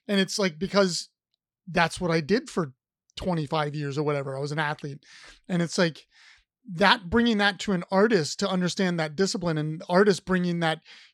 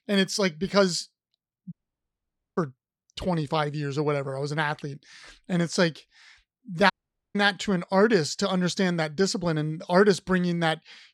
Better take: first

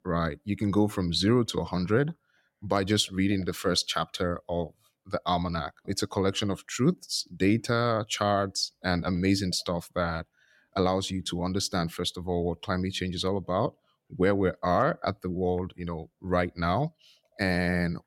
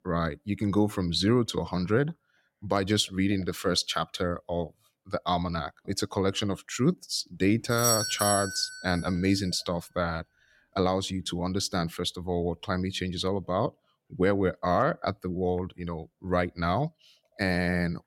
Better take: first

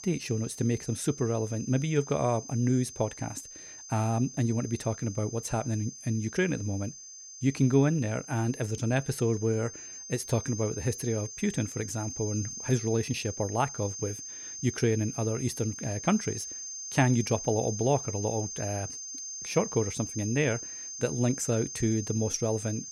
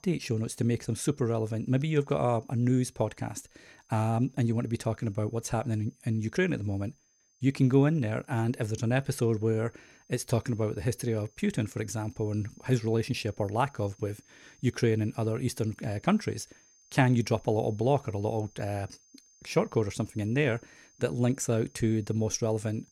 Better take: second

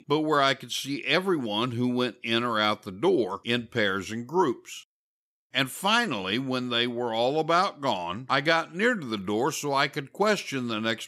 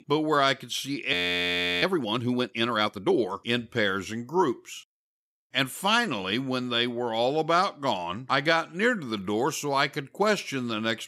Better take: first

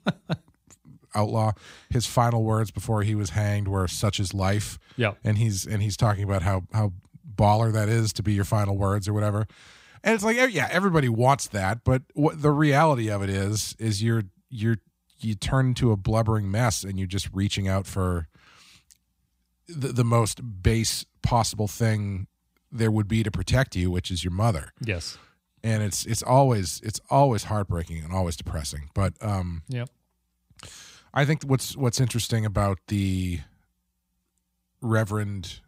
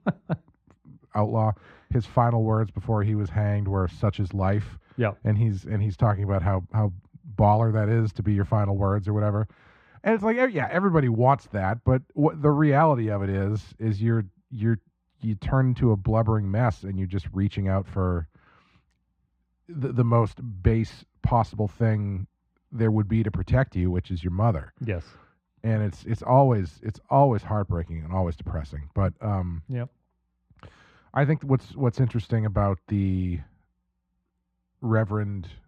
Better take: first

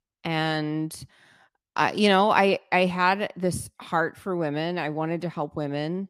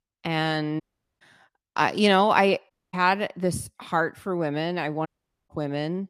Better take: first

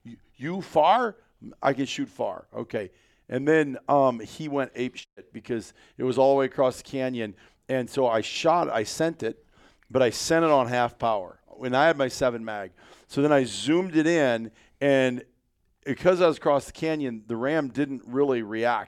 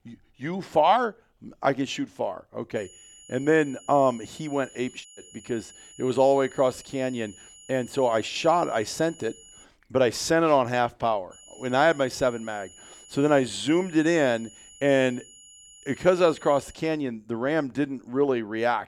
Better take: first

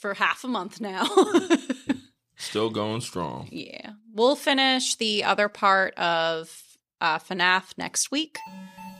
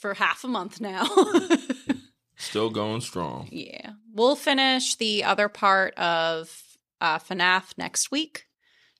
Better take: second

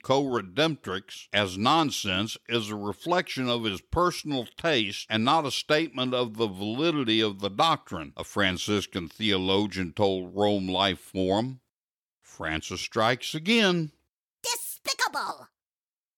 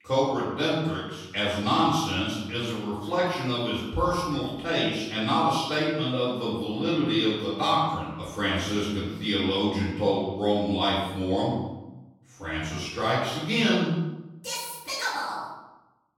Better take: first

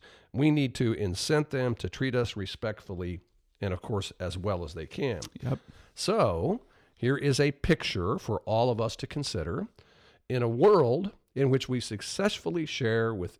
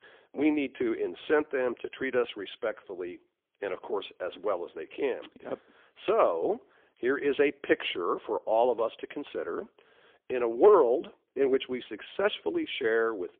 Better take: first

